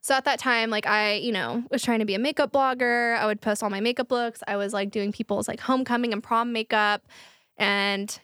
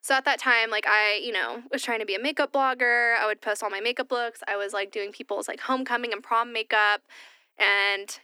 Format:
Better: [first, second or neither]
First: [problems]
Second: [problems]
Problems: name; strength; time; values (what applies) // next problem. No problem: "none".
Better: first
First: none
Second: thin; somewhat; fading below 250 Hz